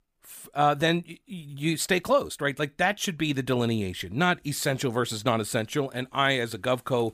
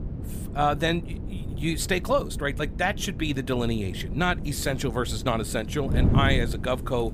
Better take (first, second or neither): first